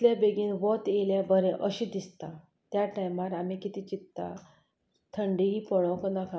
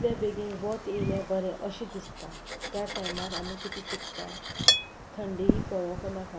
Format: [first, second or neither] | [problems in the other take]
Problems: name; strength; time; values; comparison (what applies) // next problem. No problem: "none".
first | background sound (Cutlery, silverware + Wind); 2 dB above the speech